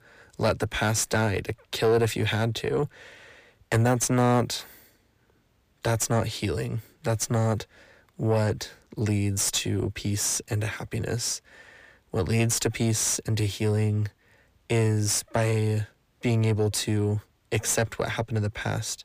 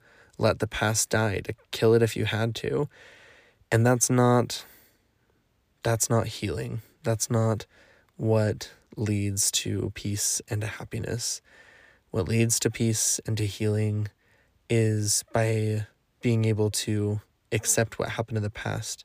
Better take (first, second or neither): second